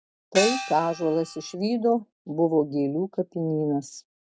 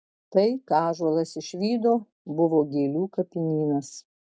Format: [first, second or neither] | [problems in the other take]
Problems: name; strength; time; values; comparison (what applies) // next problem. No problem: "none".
second | background sound (Gong); 6 dB below the speech